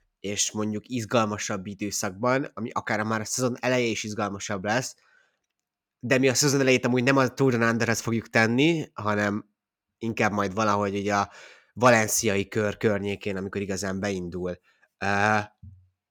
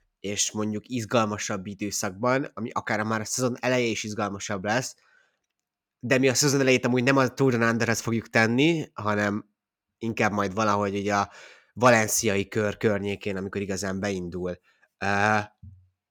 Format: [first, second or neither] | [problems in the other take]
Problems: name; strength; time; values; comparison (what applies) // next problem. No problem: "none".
neither | none